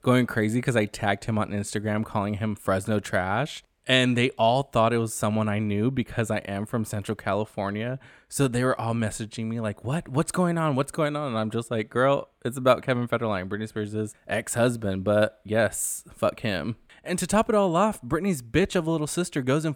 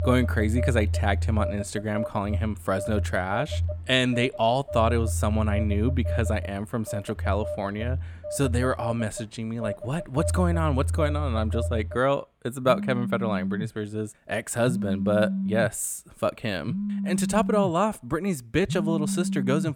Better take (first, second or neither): first